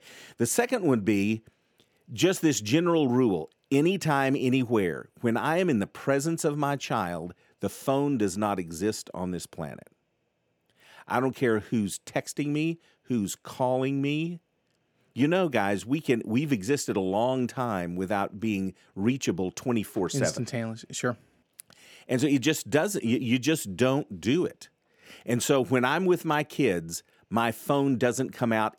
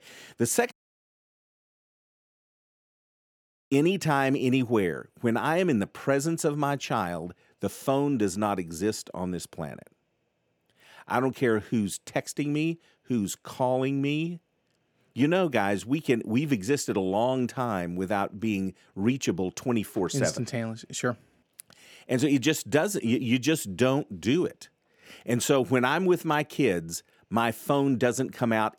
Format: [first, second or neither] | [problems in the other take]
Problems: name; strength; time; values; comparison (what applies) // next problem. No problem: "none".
first | audio cutting out; at 0.5 s for 3 s